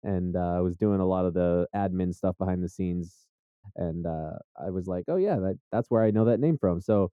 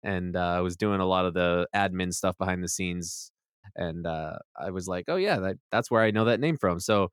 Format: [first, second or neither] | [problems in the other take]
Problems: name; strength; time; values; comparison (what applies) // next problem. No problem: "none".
second | muffled; very; fading above 1 kHz